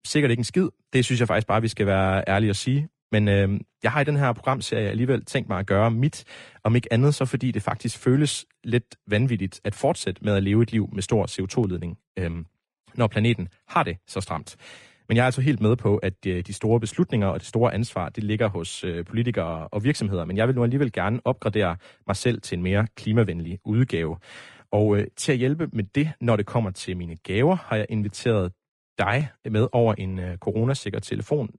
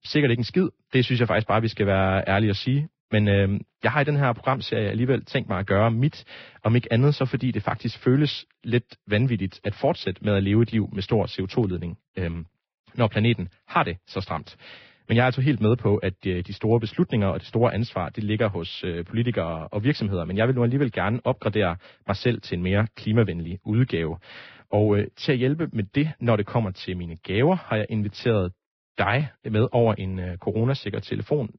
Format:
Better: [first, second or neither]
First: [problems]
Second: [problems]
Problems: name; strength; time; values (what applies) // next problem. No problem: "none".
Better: first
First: garbled, watery; slightly; nothing above 10 kHz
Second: garbled, watery; badly; nothing above 5.5 kHz